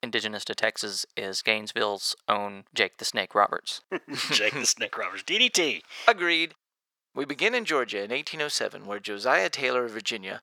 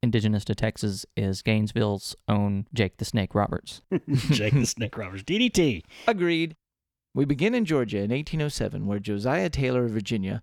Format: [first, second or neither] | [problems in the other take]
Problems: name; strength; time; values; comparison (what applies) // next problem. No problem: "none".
second | thin; very; fading below 600 Hz